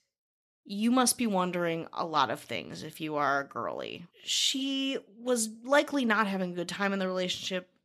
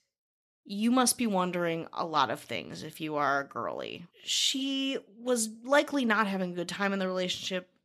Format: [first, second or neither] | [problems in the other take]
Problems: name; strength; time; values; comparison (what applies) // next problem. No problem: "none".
neither | none